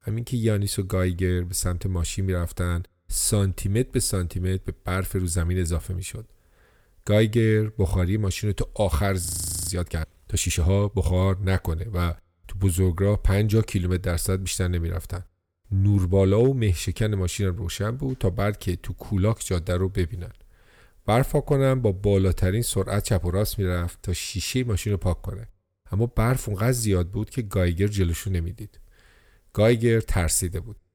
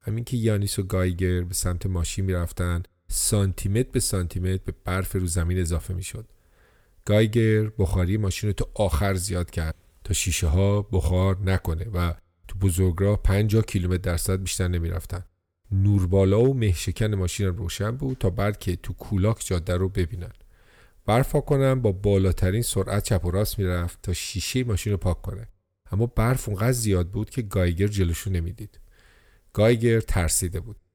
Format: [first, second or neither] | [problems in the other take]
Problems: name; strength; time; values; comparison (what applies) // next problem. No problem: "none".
second | audio freezing; at 9.5 s